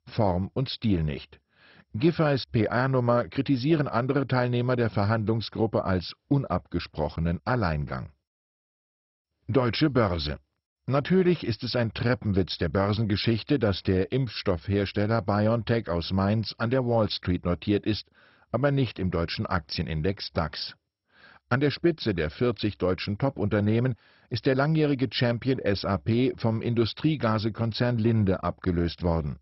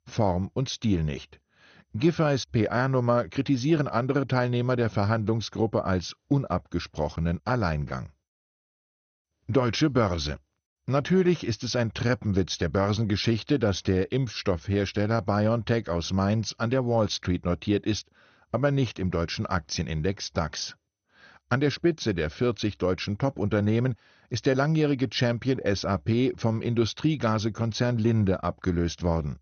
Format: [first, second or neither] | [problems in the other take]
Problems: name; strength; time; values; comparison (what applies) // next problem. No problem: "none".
second | garbled, watery; badly; nothing above 5.5 kHz; slightly in the second